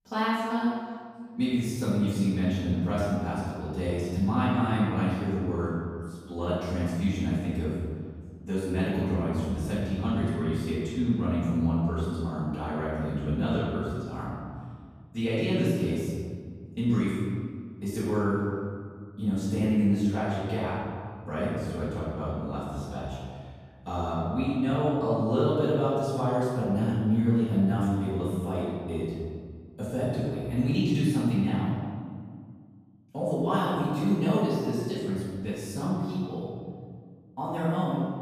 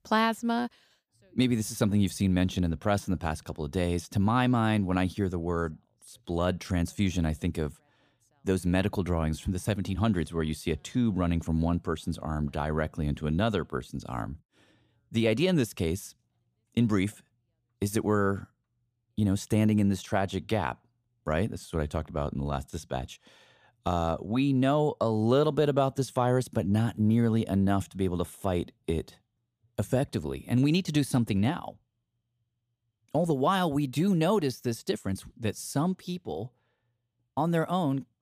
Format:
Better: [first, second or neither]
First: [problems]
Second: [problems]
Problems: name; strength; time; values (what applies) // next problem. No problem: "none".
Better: second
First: off-mic speech; far // room echo; strong; dies away in 1.8 s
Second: none